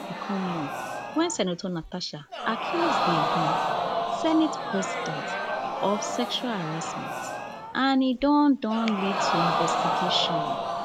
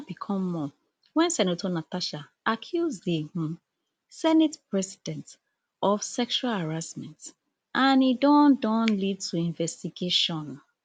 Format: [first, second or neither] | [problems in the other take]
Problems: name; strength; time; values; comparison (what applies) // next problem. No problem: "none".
second | background sound (Crowd); 1 dB below the speech